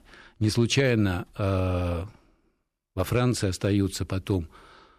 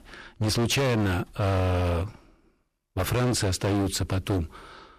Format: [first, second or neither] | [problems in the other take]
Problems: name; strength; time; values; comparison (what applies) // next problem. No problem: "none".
first | distortion; heavy; 20% of the sound clipped